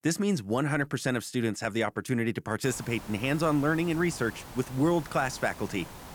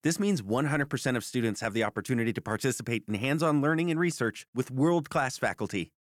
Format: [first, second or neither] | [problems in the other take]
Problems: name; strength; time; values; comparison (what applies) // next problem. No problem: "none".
second | hiss; noticeable; from 2.5 s on; 15 dB below the speech